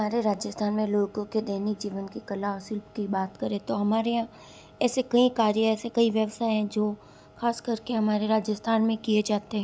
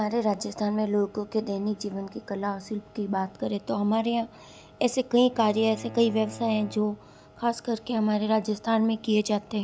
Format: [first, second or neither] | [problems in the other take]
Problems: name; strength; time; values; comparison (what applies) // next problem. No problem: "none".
first | background sound (Bowed string instrument); 19 dB below the speech